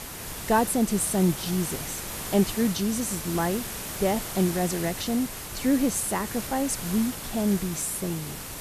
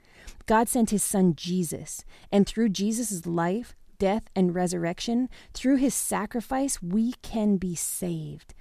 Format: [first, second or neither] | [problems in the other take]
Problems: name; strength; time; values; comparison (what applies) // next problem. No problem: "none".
second | hiss; loud; throughout; 7 dB below the speech